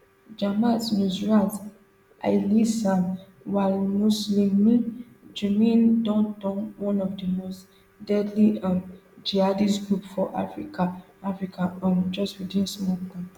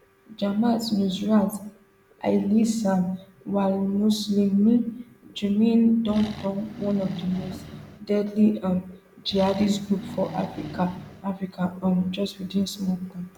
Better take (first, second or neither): first